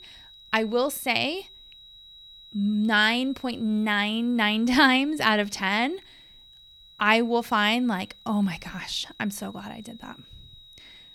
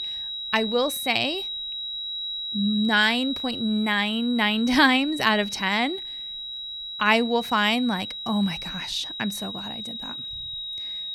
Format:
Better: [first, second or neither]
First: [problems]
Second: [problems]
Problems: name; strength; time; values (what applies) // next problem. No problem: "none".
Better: first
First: high-pitched whine; faint; throughout; 4 kHz, 25 dB below the speech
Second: high-pitched whine; loud; throughout; 4 kHz, 7 dB below the speech